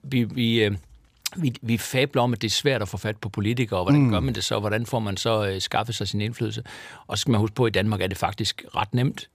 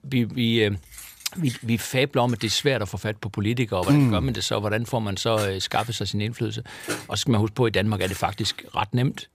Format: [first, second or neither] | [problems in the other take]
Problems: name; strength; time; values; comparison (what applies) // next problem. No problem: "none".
first | jangling keys; noticeable; from 1 to 8.5 s; peak 8 dB below the speech